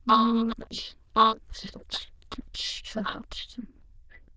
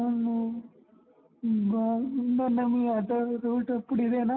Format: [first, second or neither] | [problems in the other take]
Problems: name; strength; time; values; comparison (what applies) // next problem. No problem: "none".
second | noise reduction (neural diffusion model UNIVERSE++)